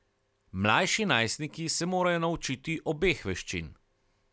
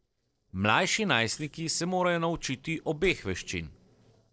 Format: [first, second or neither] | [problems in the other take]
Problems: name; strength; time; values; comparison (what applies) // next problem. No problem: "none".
first | noise reduction (neural separator model SepFormer DNS4)